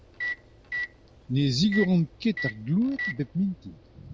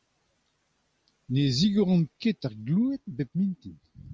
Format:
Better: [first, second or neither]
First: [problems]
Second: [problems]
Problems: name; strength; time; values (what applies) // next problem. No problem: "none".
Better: second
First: background sound (Microwave oven); 9 dB below the speech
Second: none